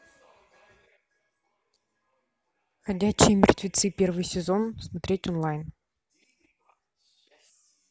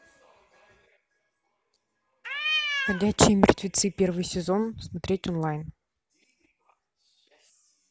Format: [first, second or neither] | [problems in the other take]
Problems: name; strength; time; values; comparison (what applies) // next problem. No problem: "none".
first | background sound (Cat); as loud as the speech